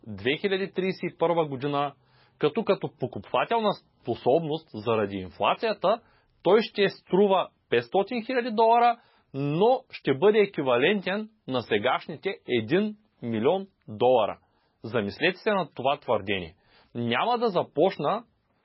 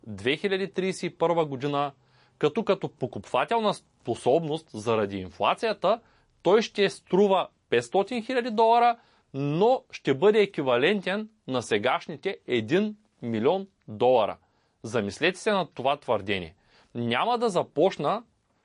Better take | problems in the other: second | garbled, watery; badly; nothing above 5.5 kHz; slightly in the second

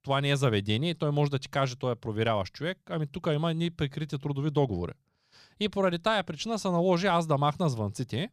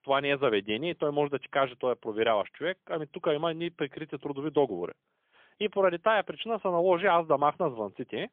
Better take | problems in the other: first | phone-call audio; poor line; nothing above 3.5 kHz

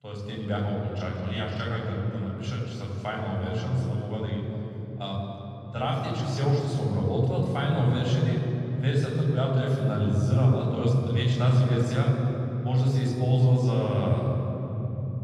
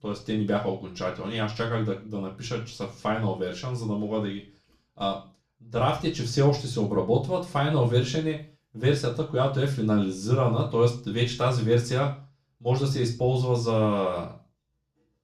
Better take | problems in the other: second | room echo; strong; dies away in 3 s; slight in the second // off-mic speech; far; far in the second

